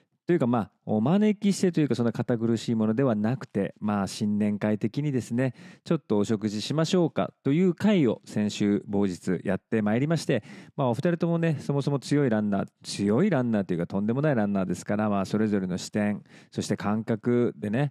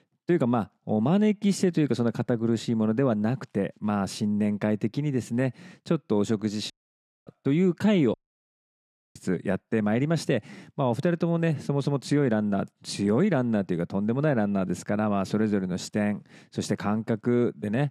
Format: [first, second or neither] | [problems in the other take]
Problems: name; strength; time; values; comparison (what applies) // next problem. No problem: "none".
first | audio cutting out; at 6.5 s for 0.5 s and at 8 s for 1 s